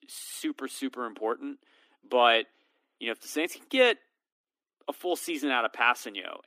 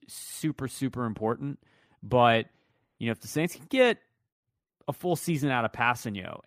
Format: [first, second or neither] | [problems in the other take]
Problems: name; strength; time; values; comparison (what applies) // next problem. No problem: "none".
second | thin; very slightly; fading below 250 Hz